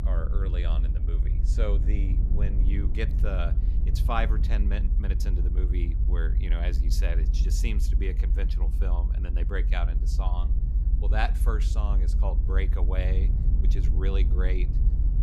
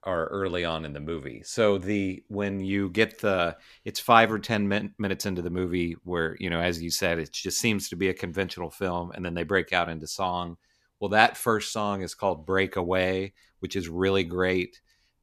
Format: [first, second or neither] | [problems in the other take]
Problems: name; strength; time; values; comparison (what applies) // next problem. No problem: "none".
second | low rumble; loud; throughout; 8 dB below the speech